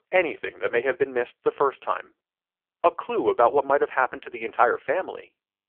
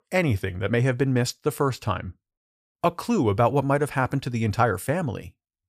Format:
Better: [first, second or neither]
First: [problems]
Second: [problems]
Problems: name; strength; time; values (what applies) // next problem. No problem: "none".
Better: second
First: phone-call audio; poor line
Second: none